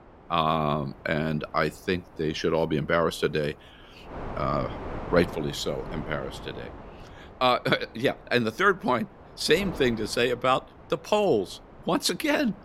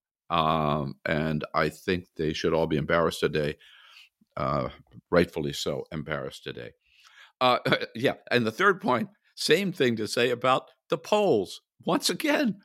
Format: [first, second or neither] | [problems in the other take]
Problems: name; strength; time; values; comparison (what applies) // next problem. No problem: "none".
second | wind noise on the microphone; occasional gusts; 20 dB below the speech